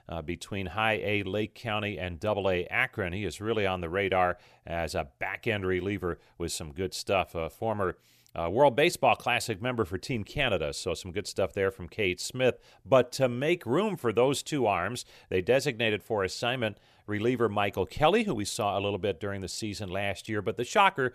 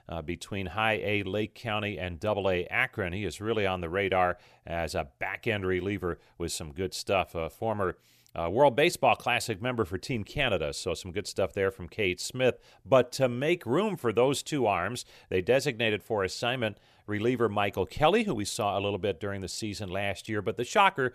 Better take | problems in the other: neither | none

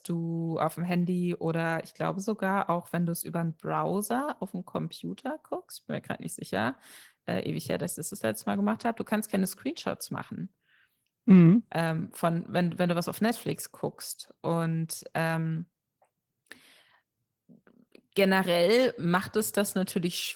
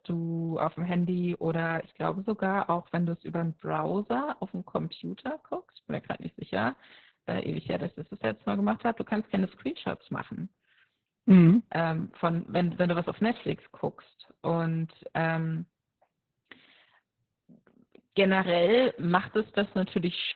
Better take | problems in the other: first | garbled, watery; badly; nothing above 4 kHz; slightly in the first

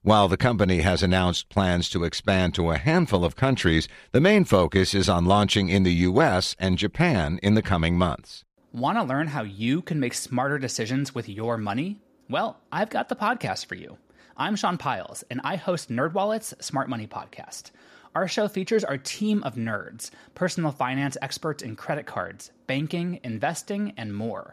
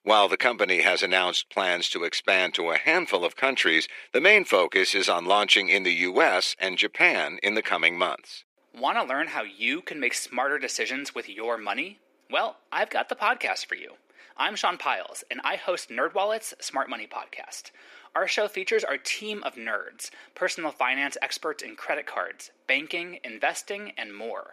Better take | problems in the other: first | thin; very; fading below 350 Hz

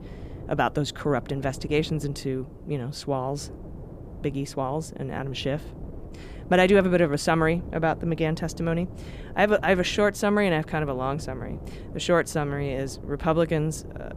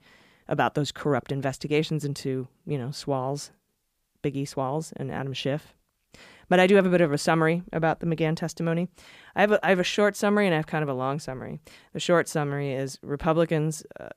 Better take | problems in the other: second | wind noise on the microphone; occasional gusts; 20 dB below the speech

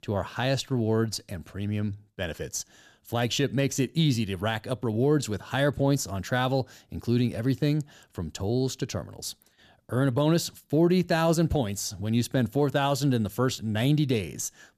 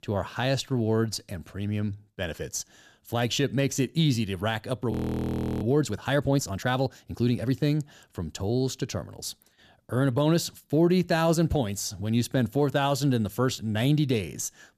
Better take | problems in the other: first | audio freezing; at 5 s for 0.5 s

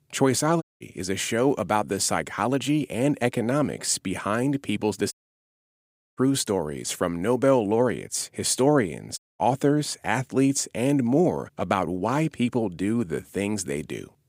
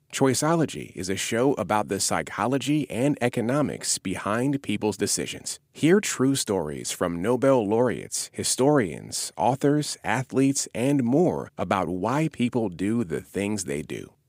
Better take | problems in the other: second | audio cutting out; at 0.5 s, at 5 s for 1 s and at 9 s

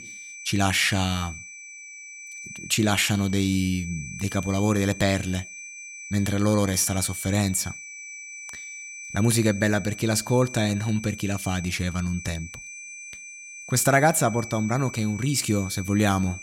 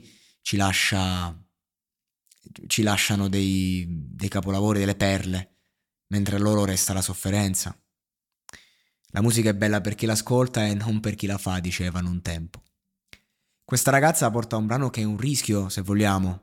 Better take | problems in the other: second | high-pitched whine; noticeable; throughout; 2.5 kHz, 15 dB below the speech

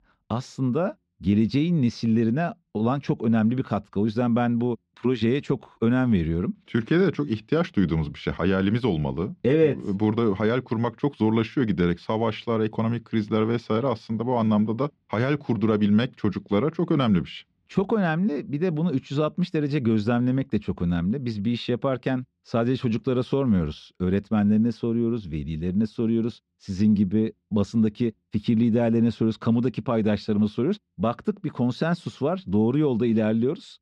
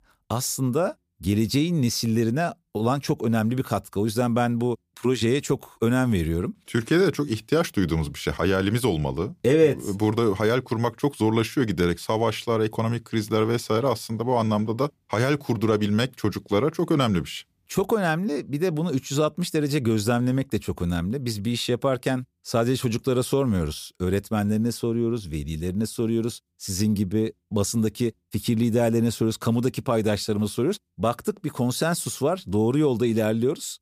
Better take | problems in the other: second | muffled; slightly; fading above 3.5 kHz

